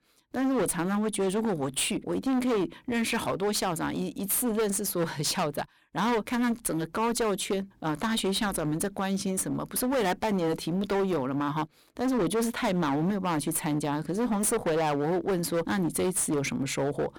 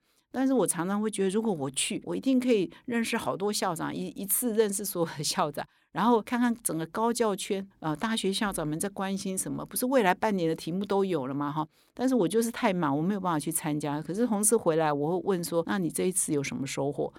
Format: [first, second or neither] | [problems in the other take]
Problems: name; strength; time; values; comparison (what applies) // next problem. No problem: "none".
second | distortion; heavy; 21% of the sound clipped